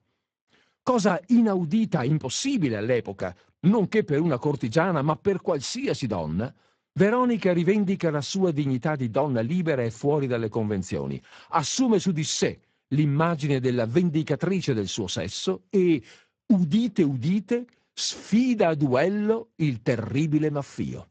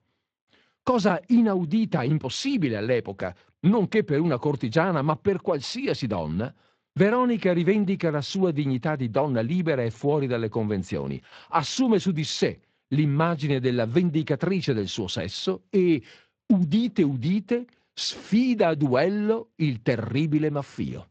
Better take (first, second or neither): second